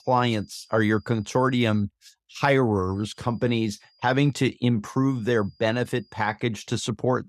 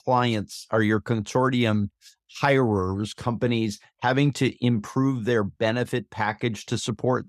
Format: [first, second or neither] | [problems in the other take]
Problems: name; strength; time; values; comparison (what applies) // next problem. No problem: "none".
second | high-pitched whine; faint; until 2 s, from 3 to 4.5 s and from 5 to 6.5 s; 5 kHz, 35 dB below the speech